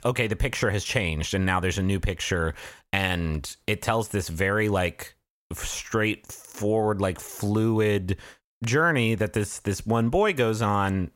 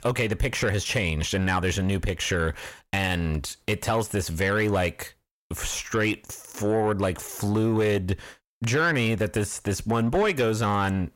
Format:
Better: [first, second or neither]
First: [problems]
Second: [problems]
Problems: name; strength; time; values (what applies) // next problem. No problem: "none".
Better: first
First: none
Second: distortion; slight; 10 dB below the speech